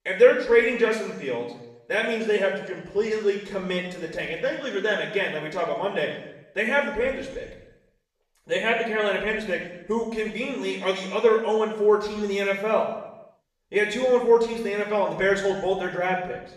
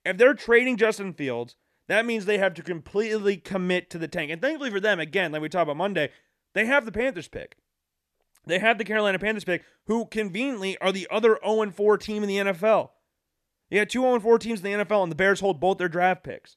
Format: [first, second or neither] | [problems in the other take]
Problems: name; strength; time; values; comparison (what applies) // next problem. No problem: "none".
second | room echo; noticeable; dies away in 0.8 s // off-mic speech; far